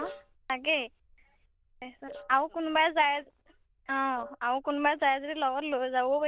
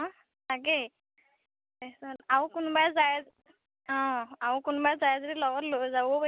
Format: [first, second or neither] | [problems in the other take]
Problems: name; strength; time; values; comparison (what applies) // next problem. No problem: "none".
second | noise reduction (neural diffusion model UNIVERSE++)